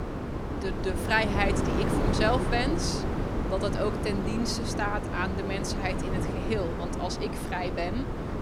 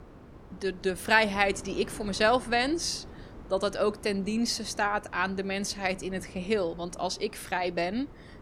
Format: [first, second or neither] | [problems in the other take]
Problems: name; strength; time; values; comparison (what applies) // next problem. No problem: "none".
second | wind noise on the microphone; heavy; 3 dB below the speech; occasional gusts in the second